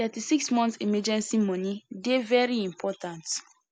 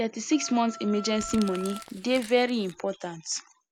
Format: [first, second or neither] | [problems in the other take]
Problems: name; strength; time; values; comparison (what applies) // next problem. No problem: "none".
first | background sound (Crumpling, crinkling + Wind instrument, woodwind instrument); 15 dB below the speech